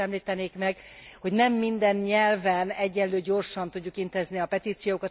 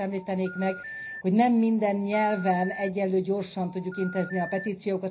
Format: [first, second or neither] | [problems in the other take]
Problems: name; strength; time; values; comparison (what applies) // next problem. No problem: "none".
first | background sound (Telephone); 15 dB below the speech // room echo; dies away in 0.4 s